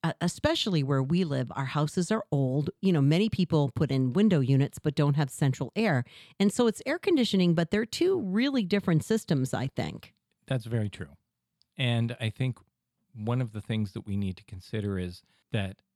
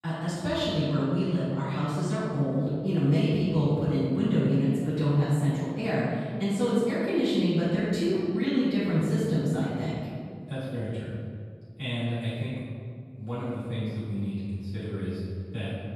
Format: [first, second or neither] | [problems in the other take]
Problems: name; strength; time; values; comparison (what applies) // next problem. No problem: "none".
first | room echo; strong; dies away in 1.9 s // off-mic speech; far